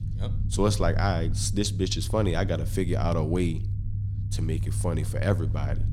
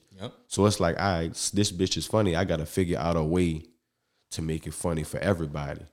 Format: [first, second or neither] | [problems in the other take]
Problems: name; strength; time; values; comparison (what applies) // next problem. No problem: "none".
second | low rumble; noticeable; throughout; 15 dB below the speech